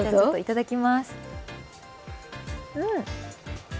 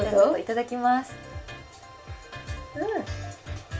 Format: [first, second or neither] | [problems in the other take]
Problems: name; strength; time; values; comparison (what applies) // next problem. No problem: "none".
first | room echo; dies away in 0.2 s